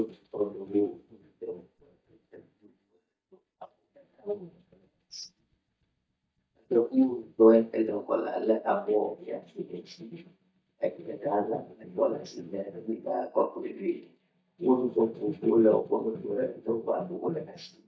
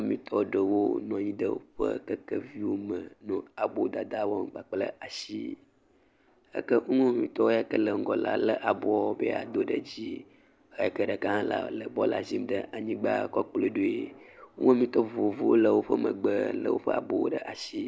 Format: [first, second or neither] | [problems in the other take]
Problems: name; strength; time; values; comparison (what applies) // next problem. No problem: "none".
second | noise reduction (neural mask model DeepFilterNet 3)